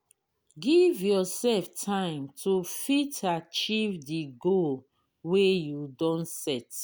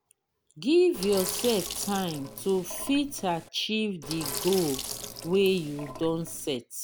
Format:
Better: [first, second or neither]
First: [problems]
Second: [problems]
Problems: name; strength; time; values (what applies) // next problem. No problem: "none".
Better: first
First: none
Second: background sound (Sink (filling or washing)); 10 dB below the speech